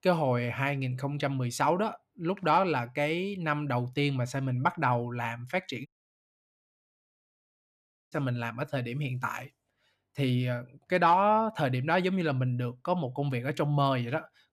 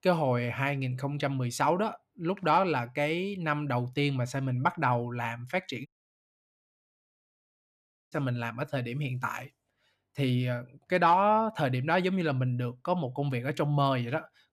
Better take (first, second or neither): neither